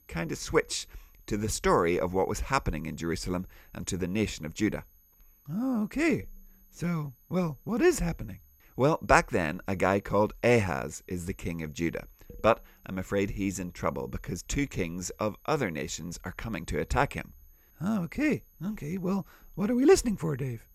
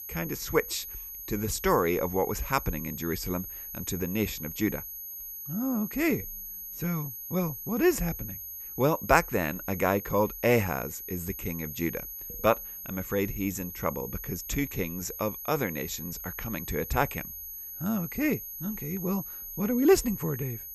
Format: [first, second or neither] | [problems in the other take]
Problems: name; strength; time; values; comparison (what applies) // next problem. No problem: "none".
first | high-pitched whine; loud; throughout; 12 kHz, 8 dB below the speech; faint in the first